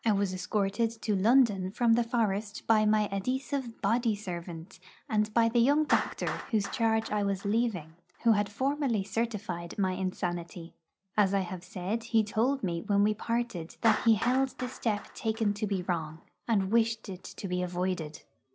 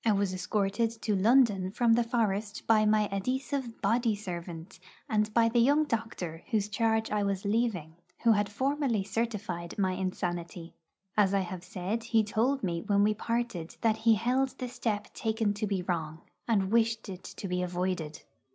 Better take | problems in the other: second | background sound (Clapping); 16 dB below the speech

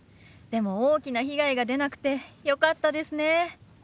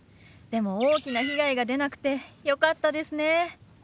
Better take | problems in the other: first | background sound (Bird); 8 dB below the speech

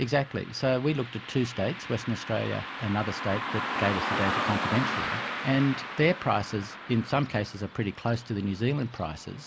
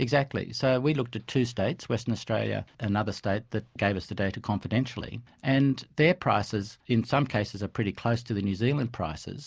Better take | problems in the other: second | background sound (Car passing by); 6 dB below the speech

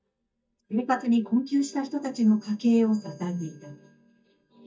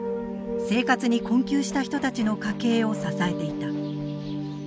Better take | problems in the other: second | noise reduction (neural mask model DeepFilterNet 3)

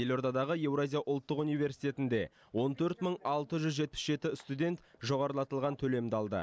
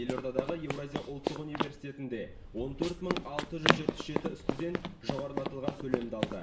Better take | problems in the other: first | background sound (Run); 3 dB above the speech // room echo; dies away in 0.5 s

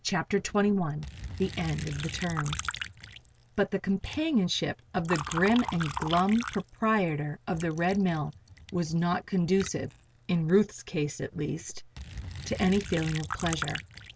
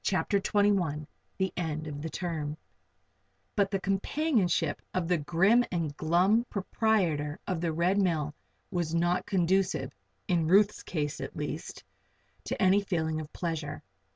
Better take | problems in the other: second | background sound (Liquid); 11 dB below the speech

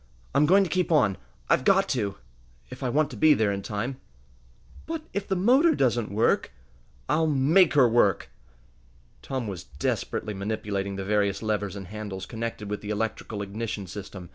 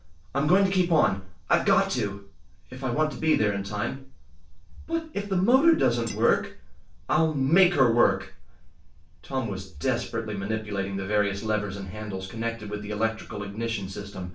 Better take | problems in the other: first | background sound (Shatter); 17 dB below the speech // room echo; dies away in 0.3 s

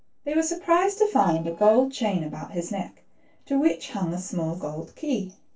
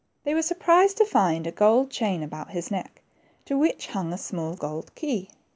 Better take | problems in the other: second | noise reduction (neural separator model SepFormer DNS4)

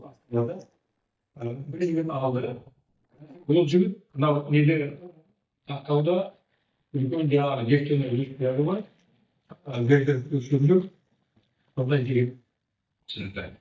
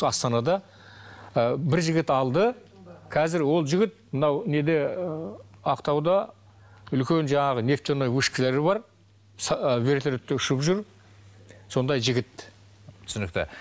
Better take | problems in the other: second | noise reduction (neural mask model DeepFilterNet 3)

